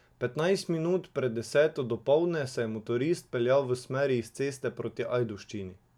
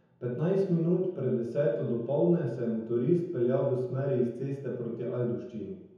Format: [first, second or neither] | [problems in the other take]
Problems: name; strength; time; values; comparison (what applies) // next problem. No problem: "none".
first | room echo; dies away in 0.9 s